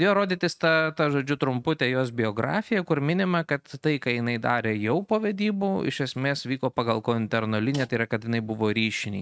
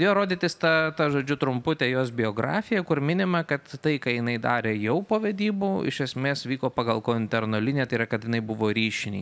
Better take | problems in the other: second | noise reduction (neural mask model RNNoise)

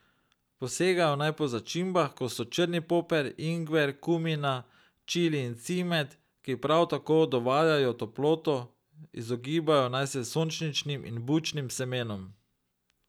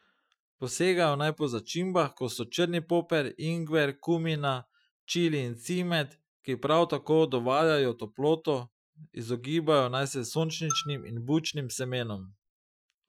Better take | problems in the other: first | noise reduction (classical method Wiener filter)

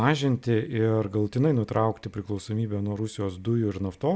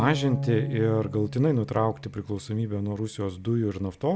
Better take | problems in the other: first | background sound (Bowed string instrument); 9 dB below the speech

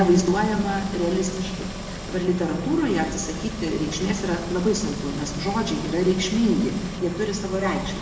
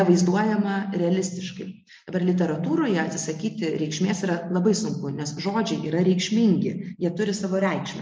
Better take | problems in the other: second | background sound (Engine); 9 dB below the speech // room echo; dies away in 1.5 s

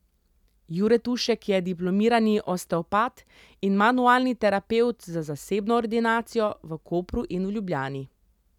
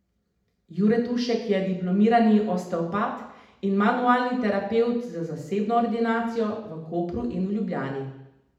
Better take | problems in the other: first | room echo; dies away in 0.8 s

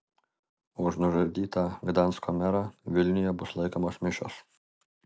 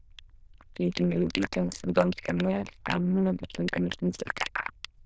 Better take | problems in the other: first | noise reduction (neural diffusion model UNIVERSE++)

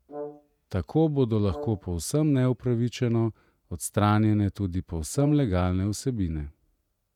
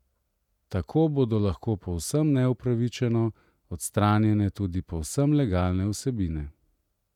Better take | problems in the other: second | background sound (Brass instrument); 17 dB below the speech

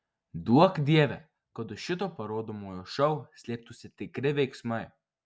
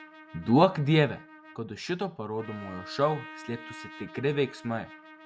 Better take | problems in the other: first | background sound (Trumpet); 18 dB below the speech

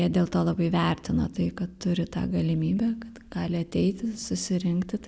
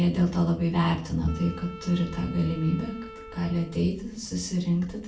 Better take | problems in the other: first | background sound (Wind instrument, woodwind instrument); 18 dB below the speech // room echo; dies away in 0.3 s

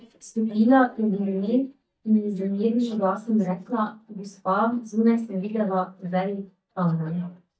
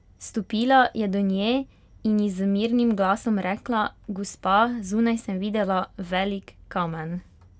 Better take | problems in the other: second | noise reduction (neural mask model DeepFilterNet 3)

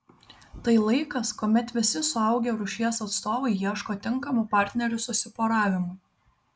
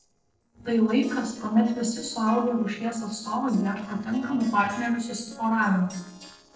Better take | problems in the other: first | noise reduction (neural separator model SepFormer DNS4)

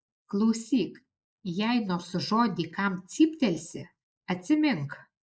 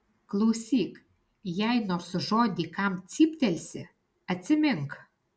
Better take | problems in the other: second | noise reduction (neural mask model Resemble Enhance denoiser)

